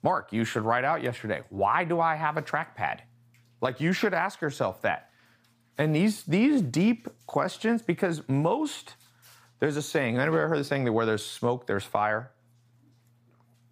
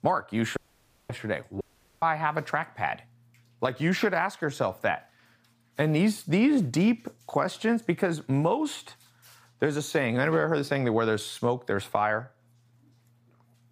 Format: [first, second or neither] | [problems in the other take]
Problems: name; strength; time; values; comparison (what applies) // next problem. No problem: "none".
first | audio cutting out; at 0.5 s for 0.5 s and at 1.5 s